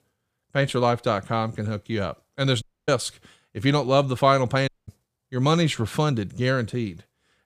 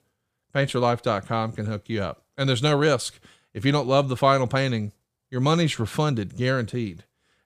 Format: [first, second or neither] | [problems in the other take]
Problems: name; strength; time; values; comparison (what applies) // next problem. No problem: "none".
second | audio cutting out; at 2.5 s and at 4.5 s